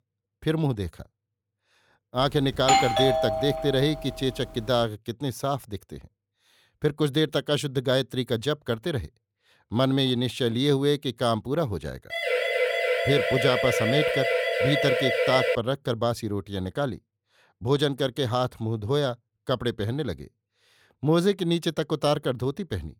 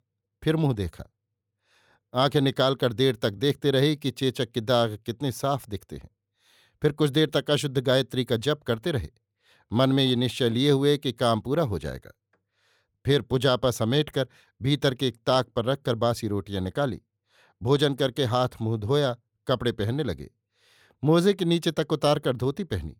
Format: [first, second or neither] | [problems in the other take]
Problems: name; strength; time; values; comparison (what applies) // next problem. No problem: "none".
second | doorbell; loud; from 2.5 to 4 s; peak 6 dB above the speech // siren; loud; from 12 to 16 s; peak 3 dB above the speech